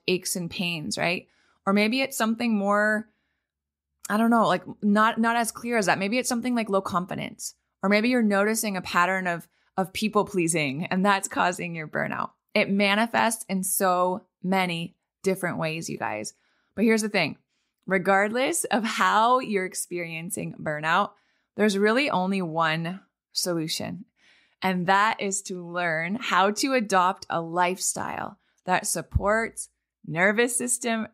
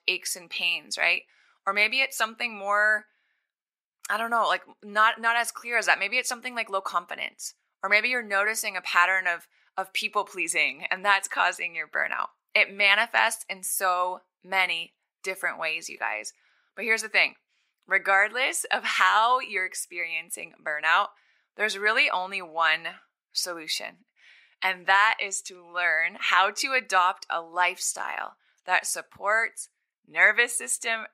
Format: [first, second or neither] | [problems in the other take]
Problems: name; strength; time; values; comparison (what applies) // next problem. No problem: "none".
first | thin; very; fading below 600 Hz